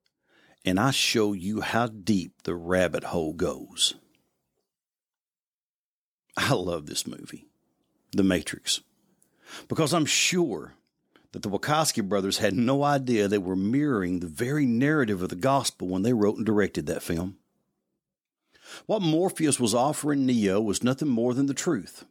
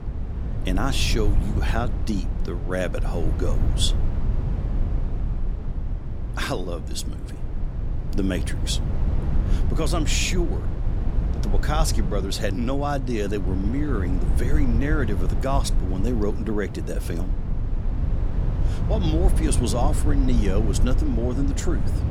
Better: first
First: none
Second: low rumble; loud; throughout; 9 dB below the speech

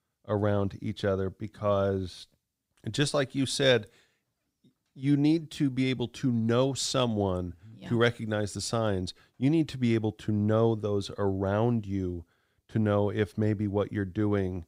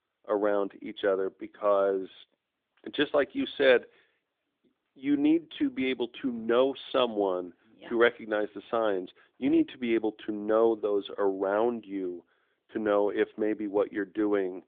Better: first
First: none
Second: phone-call audio

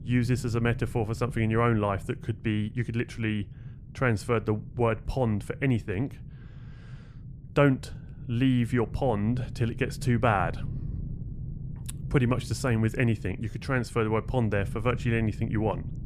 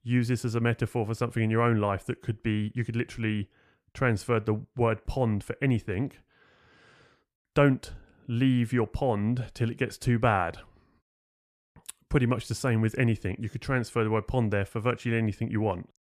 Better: second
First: wind noise on the microphone; occasional gusts; 20 dB below the speech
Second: none

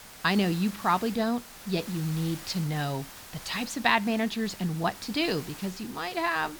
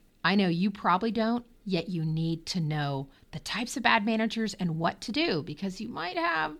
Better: second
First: hiss; noticeable; throughout; 15 dB below the speech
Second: none

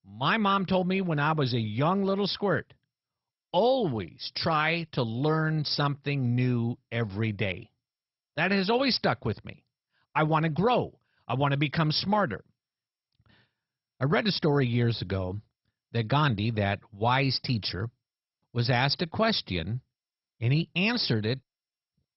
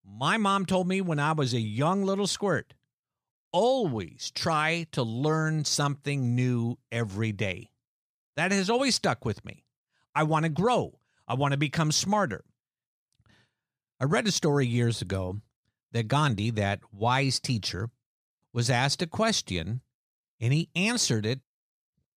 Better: second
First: garbled, watery; badly; nothing above 5.5 kHz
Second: none

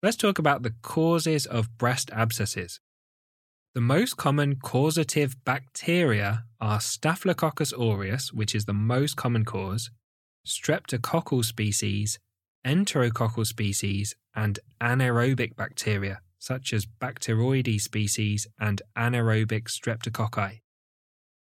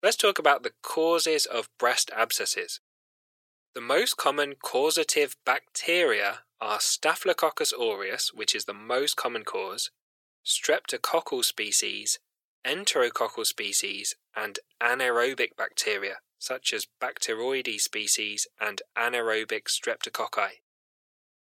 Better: first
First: none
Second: thin; very; fading below 400 Hz

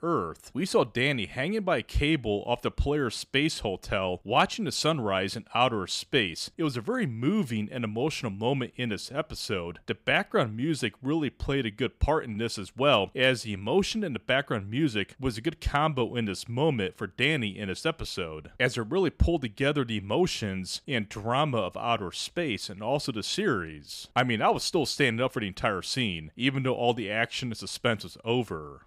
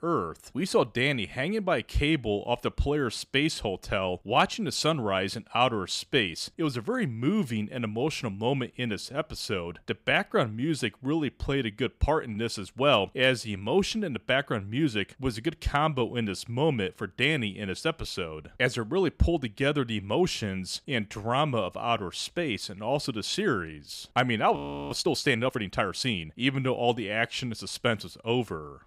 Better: first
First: none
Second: audio freezing; at 25 s

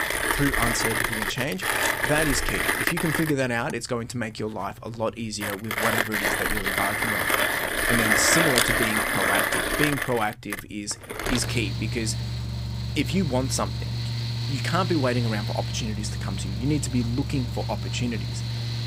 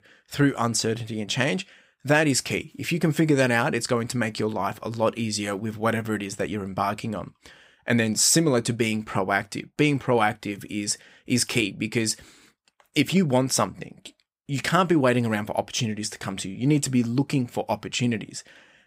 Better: second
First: machinery noise; very loud; throughout; 3 dB above the speech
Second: none

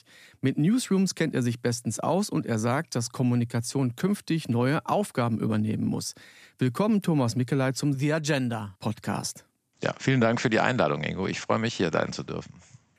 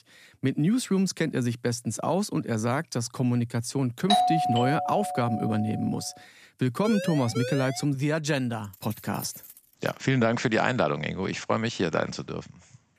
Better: first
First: none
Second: doorbell; loud; from 4 to 5.5 s; peak 5 dB above the speech // siren; noticeable; from 7 to 8 s; peak 5 dB below the speech // jangling keys; faint; from 8.5 to 10 s; peak 15 dB below the speech

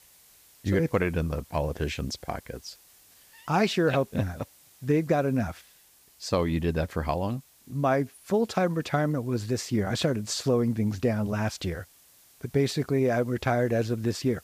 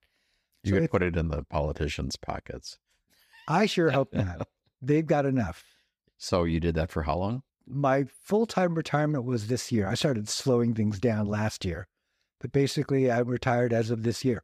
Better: second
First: hiss; faint; throughout; 25 dB below the speech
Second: none

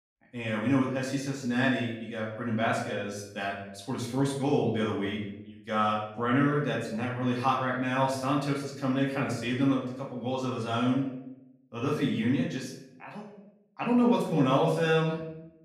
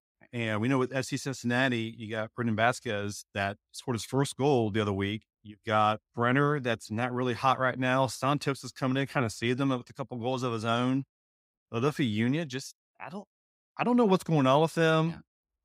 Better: second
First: off-mic speech; far // room echo; noticeable; dies away in 0.7 s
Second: none

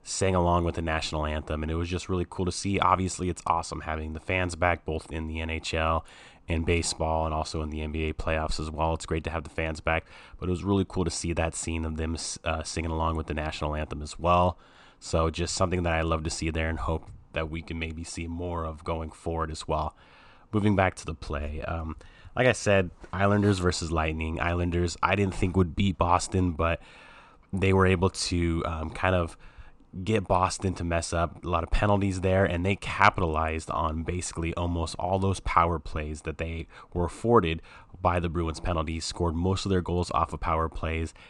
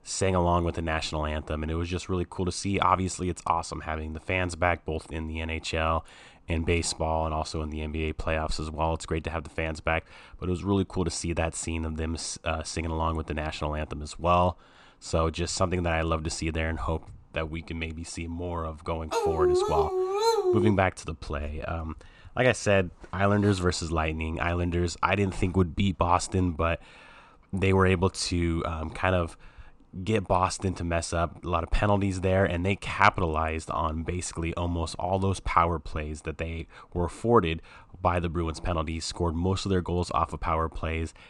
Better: first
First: none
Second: dog barking; loud; from 19 to 21 s; peak 4 dB above the speech

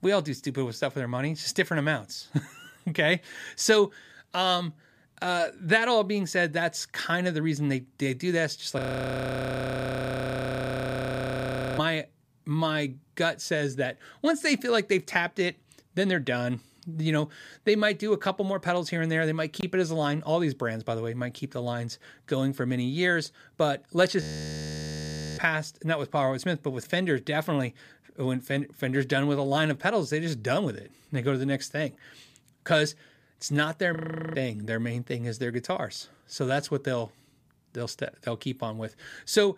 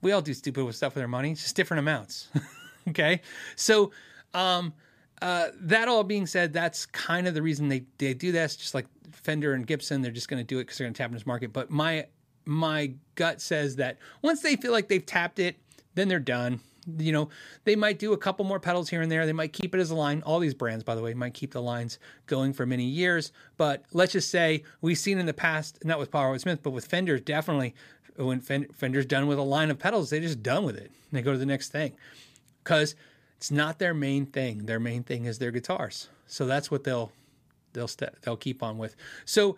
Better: second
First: audio freezing; at 9 s for 3 s, at 24 s for 1 s and at 34 s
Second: none

